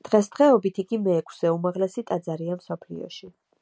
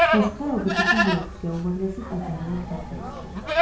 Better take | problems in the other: first | background sound (Livestock, farm animals, working animals); 1 dB above the speech // room echo; dies away in 0.6 s

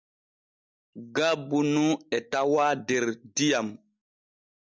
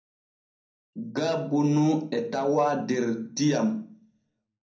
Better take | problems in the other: first | room echo; dies away in 0.6 s

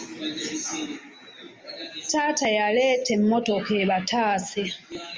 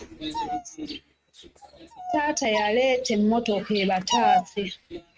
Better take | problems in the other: first | noise reduction (neural mask model RNNoise)

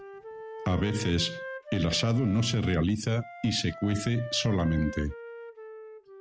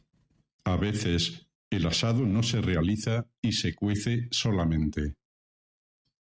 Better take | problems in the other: second | background sound (Wind instrument, woodwind instrument); 13 dB below the speech

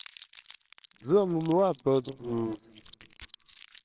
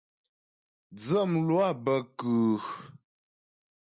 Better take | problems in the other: second | noise reduction (neural separator model SepFormer WHAMR!)

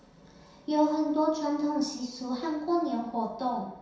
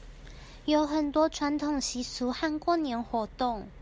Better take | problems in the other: second | room echo; dies away in 0.7 s

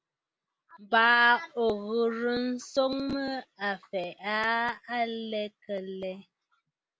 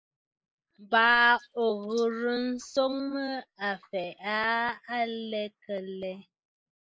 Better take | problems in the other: first | noise reduction (neural mask model Resemble Enhance denoiser)

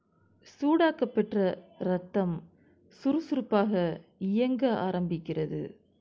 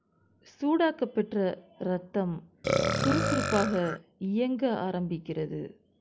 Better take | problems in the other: first | background sound (Burping, eructation); 2 dB below the speech

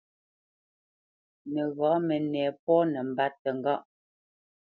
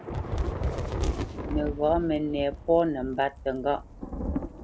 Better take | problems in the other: first | background sound (Thunder / Rain); 3 dB below the speech

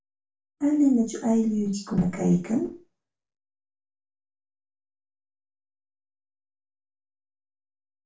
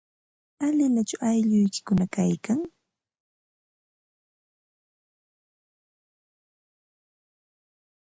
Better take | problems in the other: second | room echo; dies away in 0.3 s

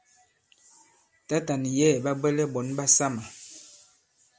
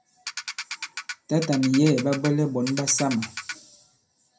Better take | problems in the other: first | background sound (Ratchet, pawl); 10 dB below the speech // room echo; dies away in 0.2 s

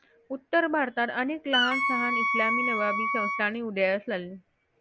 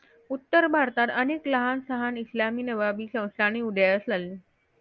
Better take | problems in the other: second | background sound (Wind instrument, woodwind instrument); 2 dB above the speech

